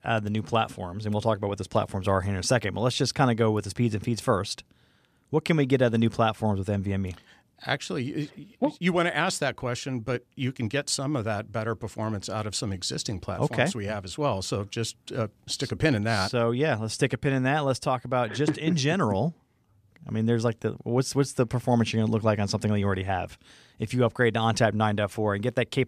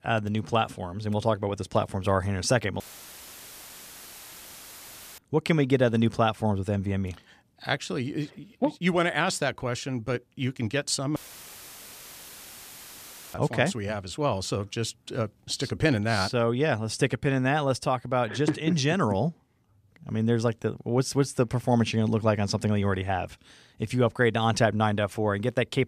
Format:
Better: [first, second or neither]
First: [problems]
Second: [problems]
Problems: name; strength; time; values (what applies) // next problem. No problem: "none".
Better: first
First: none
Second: audio cutting out; filled with static; at 3 s for 2.5 s and at 11 s for 2 s